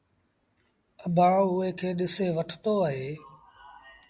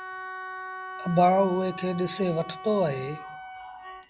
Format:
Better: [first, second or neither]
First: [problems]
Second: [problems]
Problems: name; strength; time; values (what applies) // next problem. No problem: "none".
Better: first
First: none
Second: background sound (Wind instrument, woodwind instrument); 11 dB below the speech